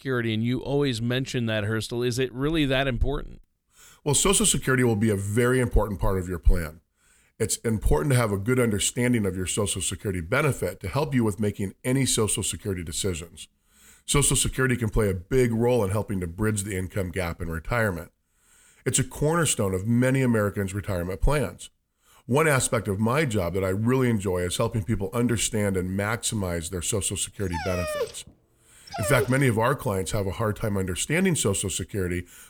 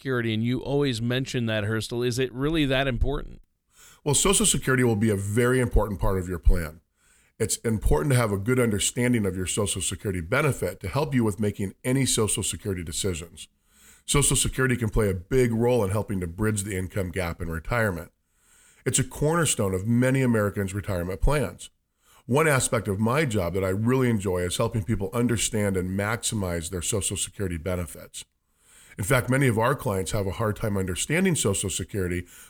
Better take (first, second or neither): second